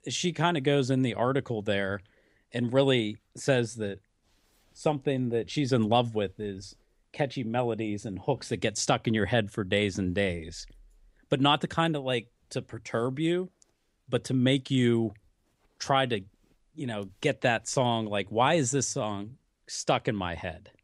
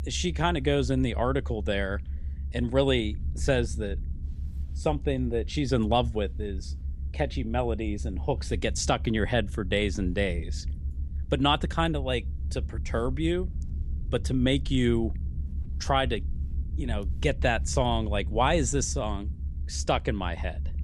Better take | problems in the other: first | low rumble; faint; throughout; 25 dB below the speech

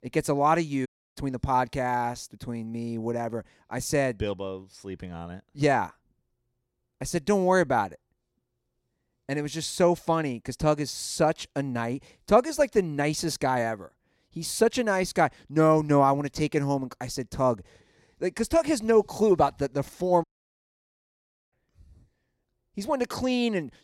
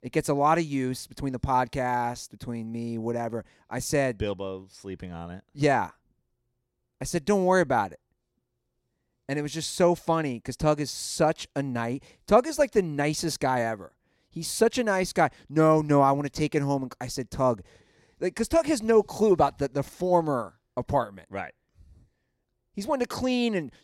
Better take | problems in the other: second | audio cutting out; at 1 s and at 20 s for 1.5 s

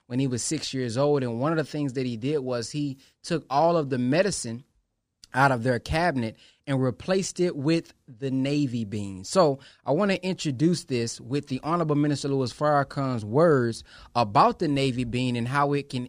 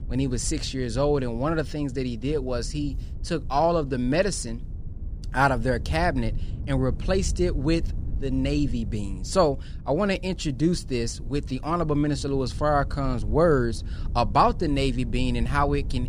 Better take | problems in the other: first | low rumble; faint; throughout; 25 dB below the speech

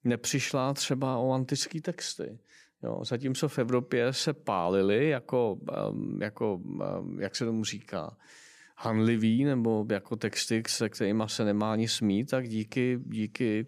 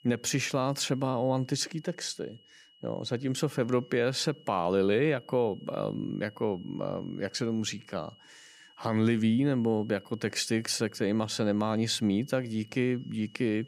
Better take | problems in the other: first | high-pitched whine; faint; throughout; 3 kHz, 25 dB below the speech

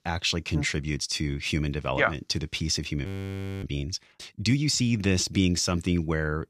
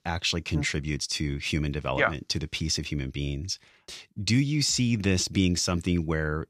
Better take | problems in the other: second | audio freezing; at 3 s for 0.5 s

